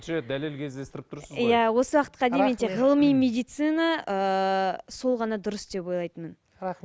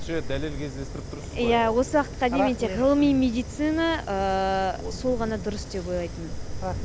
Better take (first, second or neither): first